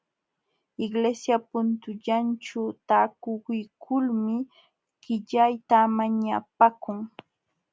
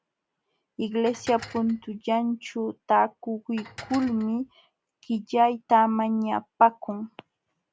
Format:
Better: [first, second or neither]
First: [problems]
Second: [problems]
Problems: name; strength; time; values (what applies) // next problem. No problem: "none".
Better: first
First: none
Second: background sound (Dishes, pots, and pans); 18 dB below the speech